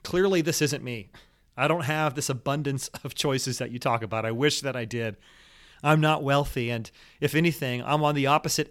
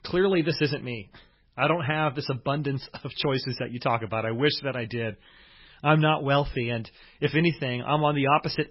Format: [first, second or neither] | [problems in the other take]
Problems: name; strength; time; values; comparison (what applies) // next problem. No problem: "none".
first | garbled, watery; badly; nothing above 5.5 kHz